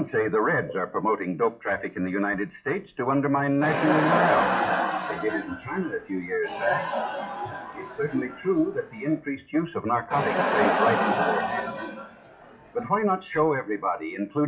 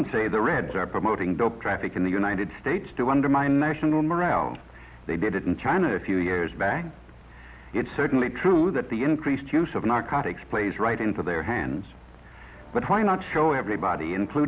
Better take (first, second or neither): second